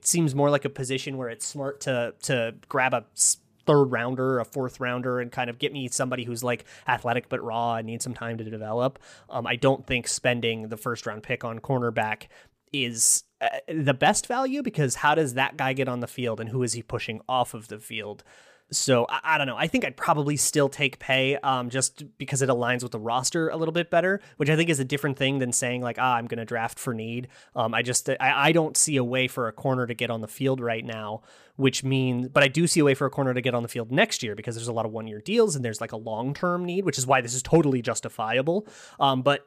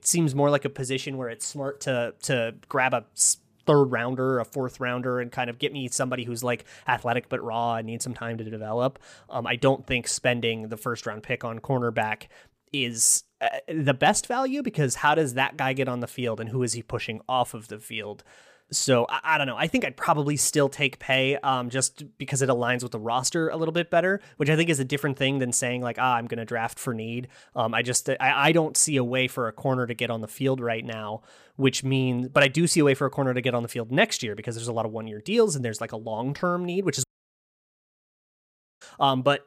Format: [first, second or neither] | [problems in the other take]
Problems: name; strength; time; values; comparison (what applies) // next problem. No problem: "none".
first | audio cutting out; at 37 s for 2 s